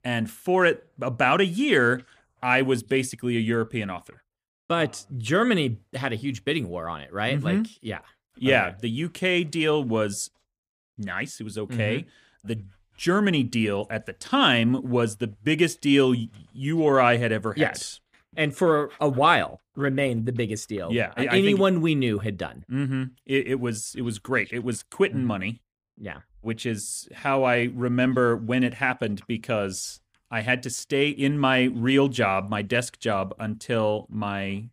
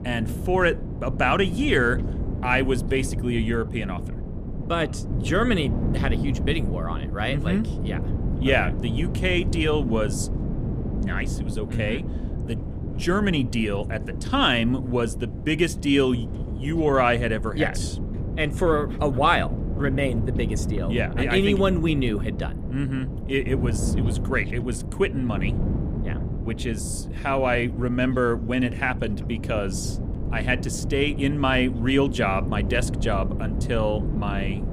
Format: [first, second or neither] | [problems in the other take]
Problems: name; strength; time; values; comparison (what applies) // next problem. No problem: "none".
first | wind noise on the microphone; occasional gusts; 15 dB below the speech